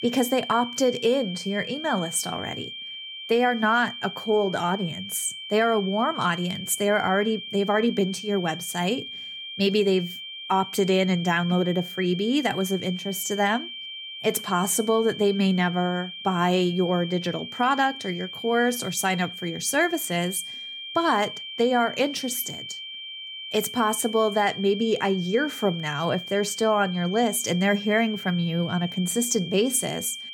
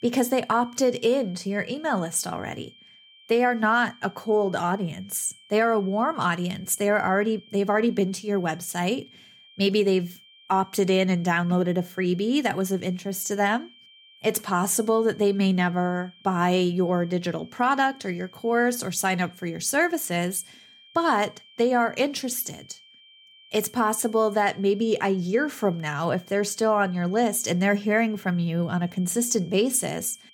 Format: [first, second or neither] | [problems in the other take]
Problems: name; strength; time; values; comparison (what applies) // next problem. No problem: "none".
second | high-pitched whine; loud; throughout; 3 kHz, 10 dB below the speech; faint in the second